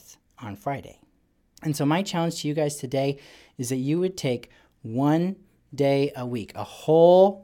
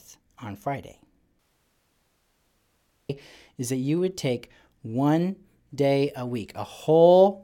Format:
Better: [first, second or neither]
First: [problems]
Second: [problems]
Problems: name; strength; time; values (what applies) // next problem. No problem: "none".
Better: first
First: none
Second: audio cutting out; at 1.5 s for 1.5 s